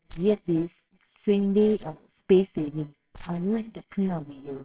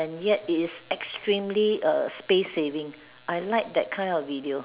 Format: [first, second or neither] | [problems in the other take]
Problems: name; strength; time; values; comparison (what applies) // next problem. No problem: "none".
second | noise reduction (neural separator model SepFormer WHAMR!)